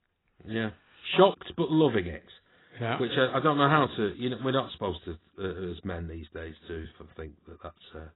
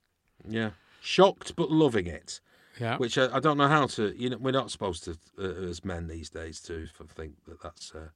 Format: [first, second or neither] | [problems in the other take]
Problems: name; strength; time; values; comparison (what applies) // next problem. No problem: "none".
second | garbled, watery; badly; nothing above 4 kHz